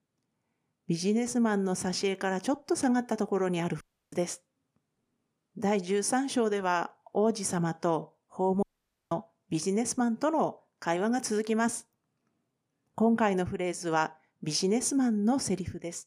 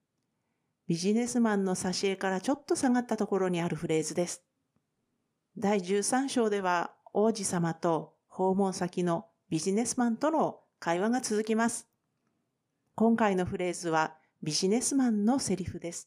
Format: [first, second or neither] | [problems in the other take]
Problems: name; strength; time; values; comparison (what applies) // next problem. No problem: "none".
second | audio cutting out; at 4 s and at 8.5 s